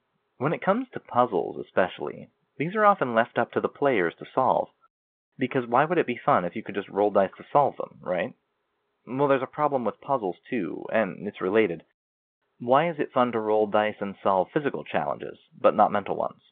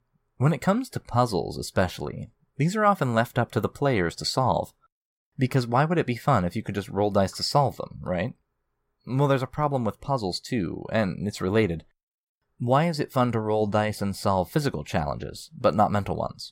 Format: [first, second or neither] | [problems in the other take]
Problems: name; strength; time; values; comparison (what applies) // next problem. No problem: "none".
second | phone-call audio